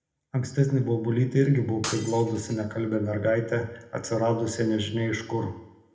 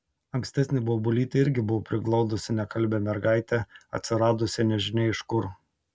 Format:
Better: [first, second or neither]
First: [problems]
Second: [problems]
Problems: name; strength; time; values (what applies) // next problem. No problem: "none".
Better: second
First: background sound (Shatter); 14 dB below the speech // room echo; dies away in 0.8 s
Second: none